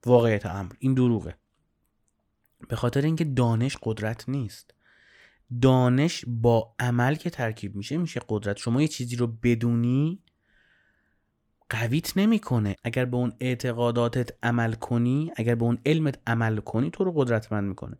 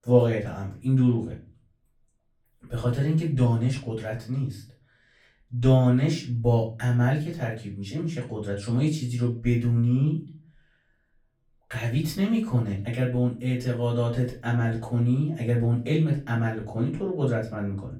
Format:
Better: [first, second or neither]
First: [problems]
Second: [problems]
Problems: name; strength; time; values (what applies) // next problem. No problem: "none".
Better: first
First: none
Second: off-mic speech; far // room echo; slight; dies away in 0.3 s